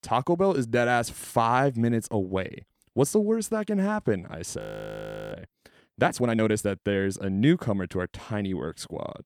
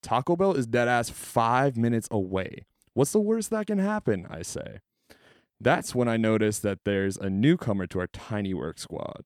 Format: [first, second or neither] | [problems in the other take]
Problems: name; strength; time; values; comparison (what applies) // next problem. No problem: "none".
second | audio freezing; at 4.5 s for 0.5 s